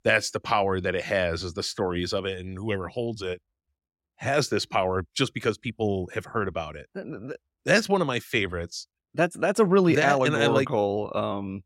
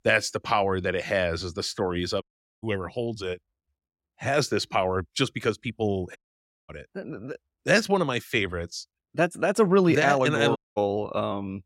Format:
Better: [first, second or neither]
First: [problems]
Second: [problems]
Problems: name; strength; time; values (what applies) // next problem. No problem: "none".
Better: first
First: none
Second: audio cutting out; at 2 s, at 6 s for 0.5 s and at 11 s